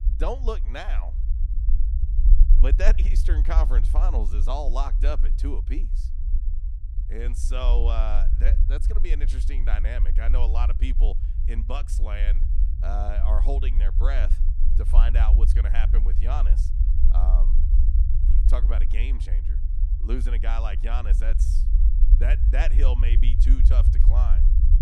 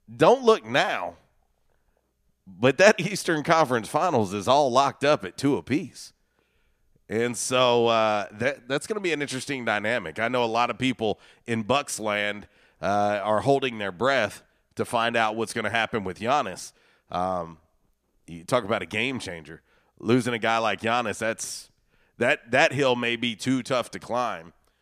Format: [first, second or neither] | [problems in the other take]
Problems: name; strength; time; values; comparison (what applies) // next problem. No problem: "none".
second | low rumble; loud; throughout; 9 dB below the speech